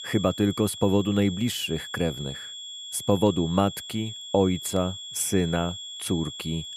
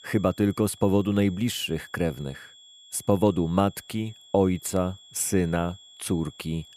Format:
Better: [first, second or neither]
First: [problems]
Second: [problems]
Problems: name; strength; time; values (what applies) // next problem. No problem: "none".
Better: second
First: high-pitched whine; loud; throughout; 3.5 kHz, 10 dB below the speech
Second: high-pitched whine; faint; throughout; 3.5 kHz, 20 dB below the speech